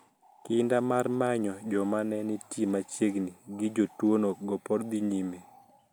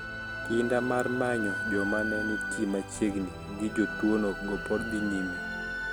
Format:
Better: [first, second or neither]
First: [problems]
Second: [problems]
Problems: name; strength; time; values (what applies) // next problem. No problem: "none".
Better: first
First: none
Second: background sound (Musical instrument + Wind instrument, woodwind instrument); 4 dB below the speech